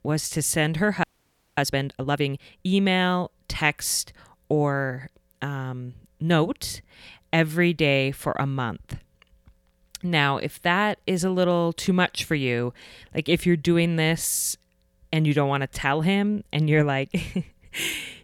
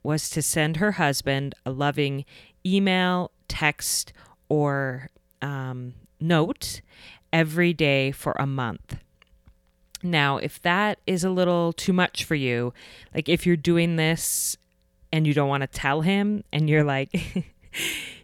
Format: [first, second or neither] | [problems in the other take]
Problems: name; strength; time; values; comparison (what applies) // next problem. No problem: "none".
second | audio freezing; at 1 s for 0.5 s